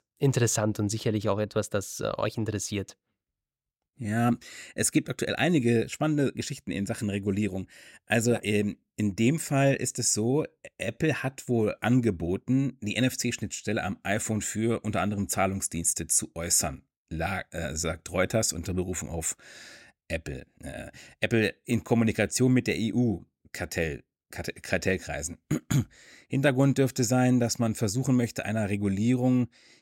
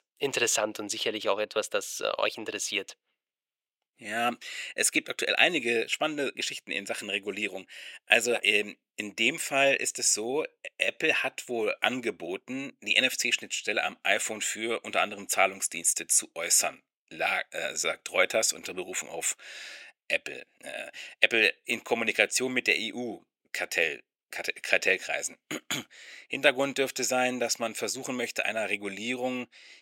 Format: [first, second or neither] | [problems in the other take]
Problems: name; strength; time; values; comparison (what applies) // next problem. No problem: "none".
first | thin; very; fading below 550 Hz